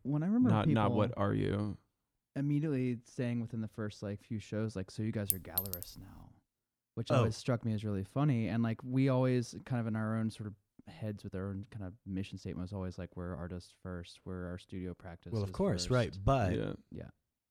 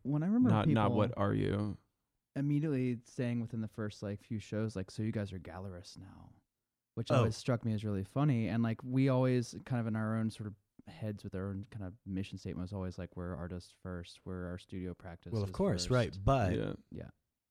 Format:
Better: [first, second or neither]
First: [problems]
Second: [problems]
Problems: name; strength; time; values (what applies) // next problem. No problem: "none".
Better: second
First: clattering dishes; loud; at 5.5 s; peak 2 dB above the speech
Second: none